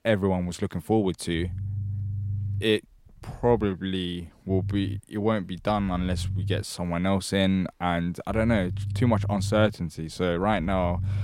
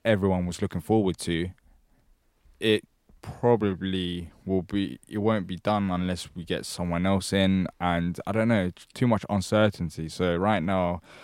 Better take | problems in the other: second | low rumble; noticeable; from 1.5 to 3.5 s, from 4.5 to 6.5 s and from 8.5 s on; 20 dB below the speech

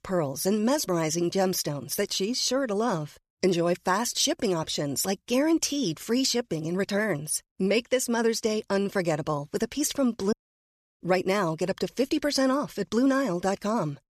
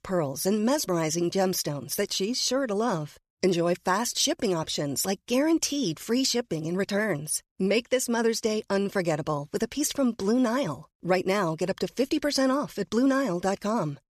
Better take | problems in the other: second | audio cutting out; at 10 s for 0.5 s

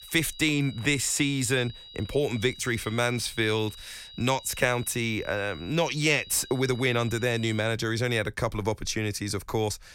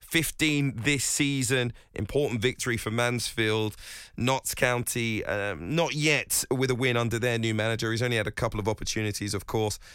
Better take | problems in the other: second | high-pitched whine; noticeable; until 7.5 s; 4 kHz, 15 dB below the speech

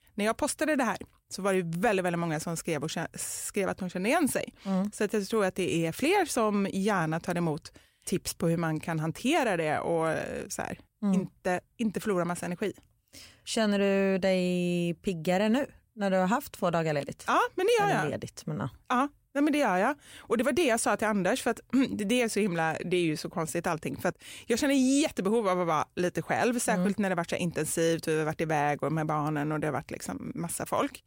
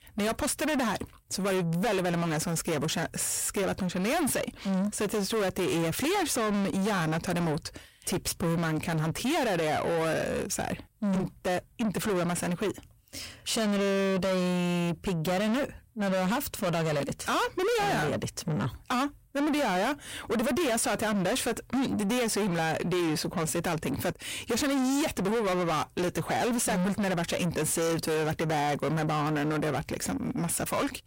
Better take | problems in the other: first | distortion; heavy; 6 dB below the speech

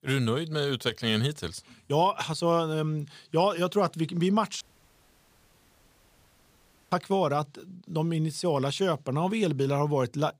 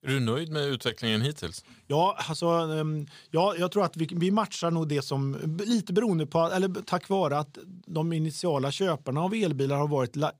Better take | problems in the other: second | audio cutting out; at 4.5 s for 2.5 s

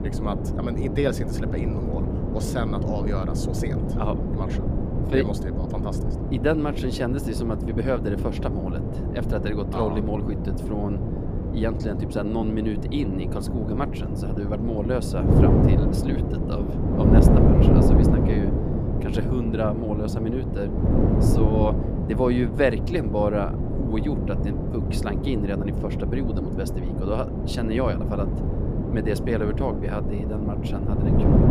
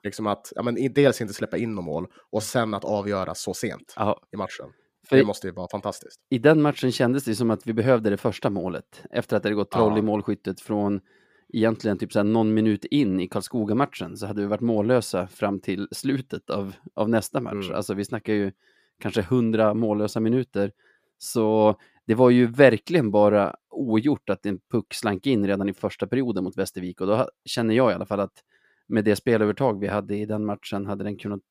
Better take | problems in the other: second | wind noise on the microphone; heavy; 1 dB below the speech

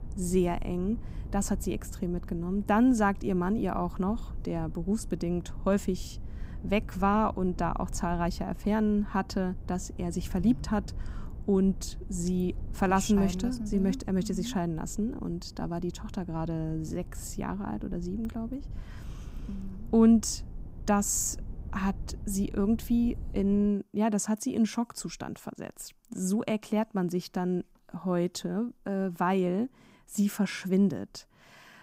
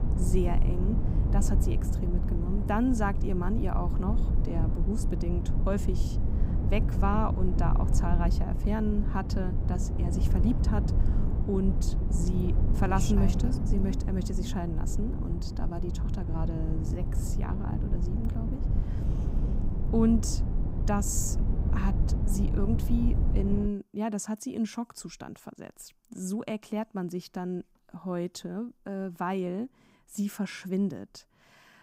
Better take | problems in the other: first | low rumble; loud; until 24 s; 6 dB below the speech; faint in the first

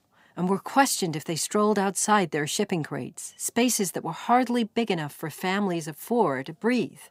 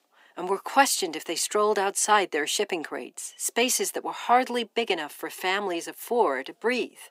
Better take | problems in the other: first | thin; somewhat; fading below 300 Hz

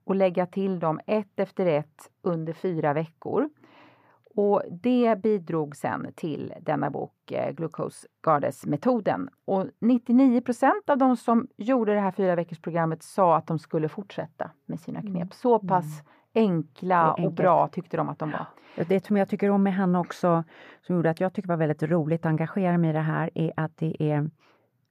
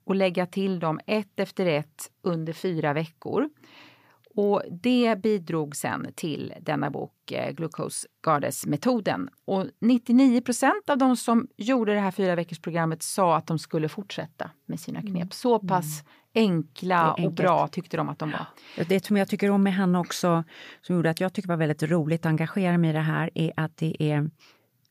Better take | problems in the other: second | muffled; very; fading above 2.5 kHz

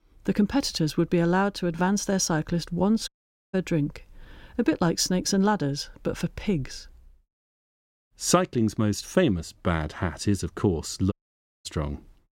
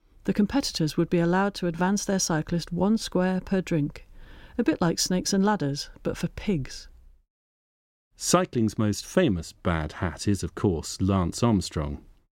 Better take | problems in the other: second | audio cutting out; at 3 s and at 11 s for 0.5 s

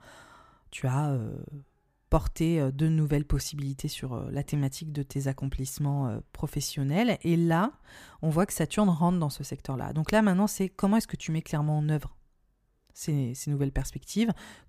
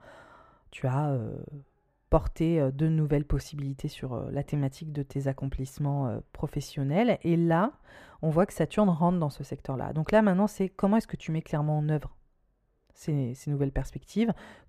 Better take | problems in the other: first | muffled; slightly; fading above 3.5 kHz

